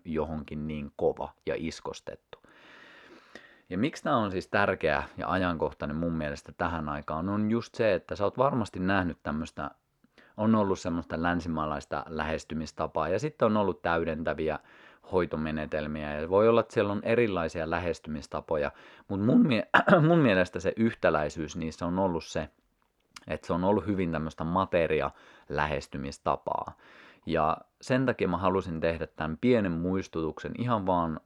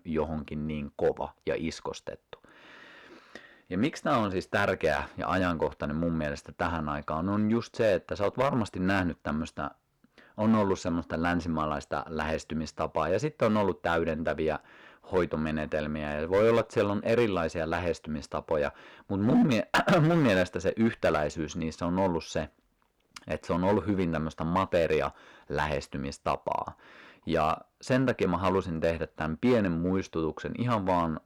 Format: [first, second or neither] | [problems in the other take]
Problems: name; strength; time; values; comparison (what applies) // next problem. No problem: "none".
first | distortion; slight; 3% of the sound clipped